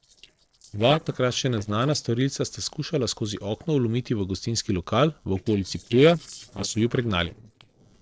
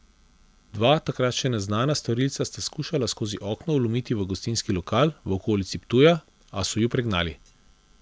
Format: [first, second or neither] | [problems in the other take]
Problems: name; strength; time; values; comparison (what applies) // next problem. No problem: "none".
second | noise reduction (neural separator model SepFormer DNS4)